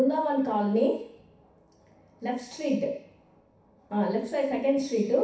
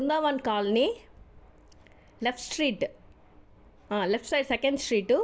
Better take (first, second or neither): second